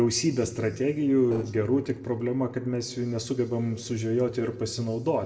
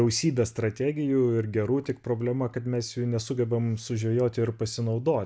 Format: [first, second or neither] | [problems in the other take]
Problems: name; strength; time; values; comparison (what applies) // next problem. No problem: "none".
second | noise reduction (neural separator model SepFormer DNS4)